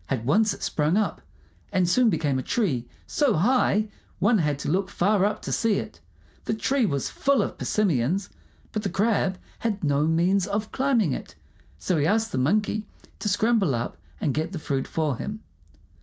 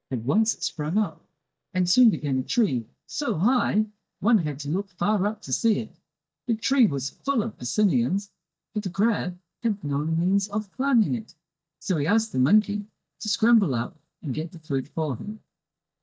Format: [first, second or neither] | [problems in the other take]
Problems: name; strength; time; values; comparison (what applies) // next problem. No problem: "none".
first | noise reduction (neural mask model DeepFilterNet 3)